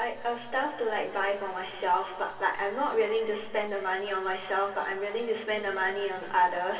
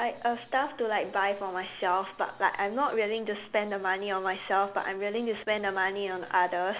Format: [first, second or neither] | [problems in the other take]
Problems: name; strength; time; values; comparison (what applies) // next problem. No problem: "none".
second | room echo; dies away in 2.4 s